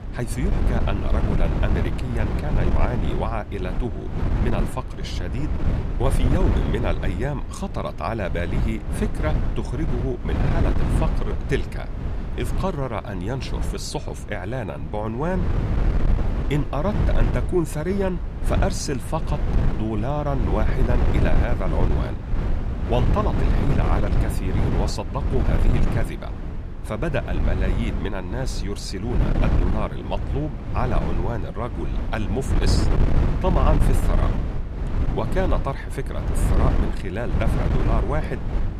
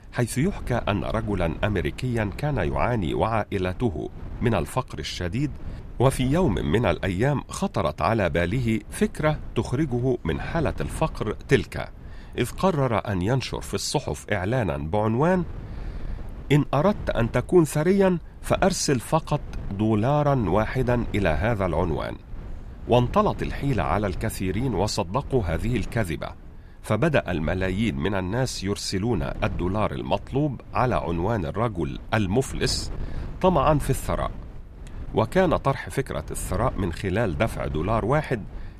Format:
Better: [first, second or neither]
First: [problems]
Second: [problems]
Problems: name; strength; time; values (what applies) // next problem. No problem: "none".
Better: second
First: wind noise on the microphone; heavy; 4 dB below the speech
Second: wind noise on the microphone; occasional gusts; 20 dB below the speech